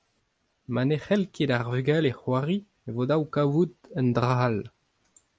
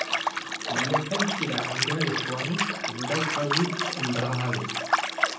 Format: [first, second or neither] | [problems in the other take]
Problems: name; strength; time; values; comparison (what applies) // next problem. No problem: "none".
first | background sound (Liquid); 2 dB above the speech // room echo; dies away in 0.6 s